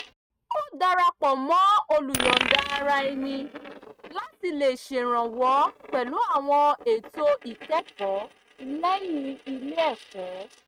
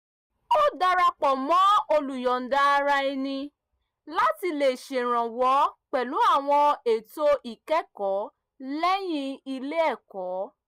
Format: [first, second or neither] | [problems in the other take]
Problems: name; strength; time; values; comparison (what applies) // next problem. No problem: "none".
second | noise reduction (neural mask model RNNoise)